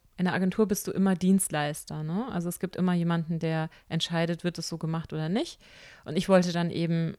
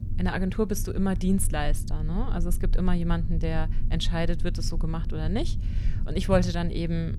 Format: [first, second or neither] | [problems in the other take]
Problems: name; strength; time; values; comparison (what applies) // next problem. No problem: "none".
first | low rumble; noticeable; throughout; 15 dB below the speech